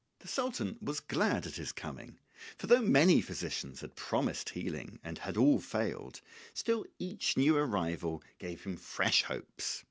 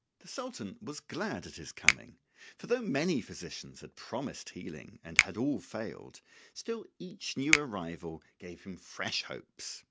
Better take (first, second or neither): first